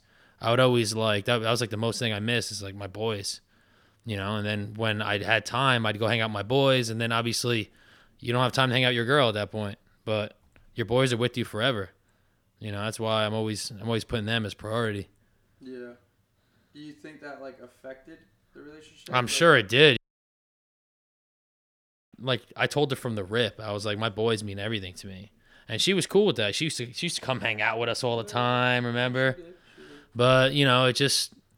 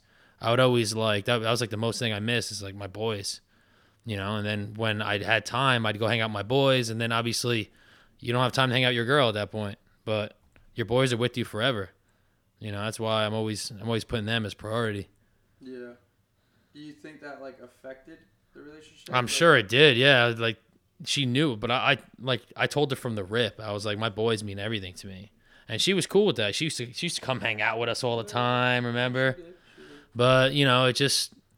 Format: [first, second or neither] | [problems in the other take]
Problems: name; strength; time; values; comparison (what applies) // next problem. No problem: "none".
second | audio cutting out; at 20 s for 2 s